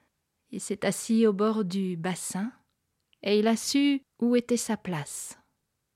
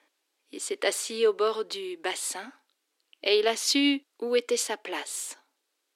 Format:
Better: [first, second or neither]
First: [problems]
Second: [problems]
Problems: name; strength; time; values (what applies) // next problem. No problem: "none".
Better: first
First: none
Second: thin; somewhat; fading below 300 Hz